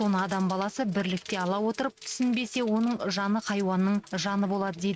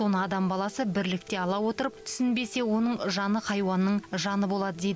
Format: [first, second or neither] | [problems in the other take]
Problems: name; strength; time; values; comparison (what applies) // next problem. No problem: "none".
second | noise reduction (neural mask model RNNoise)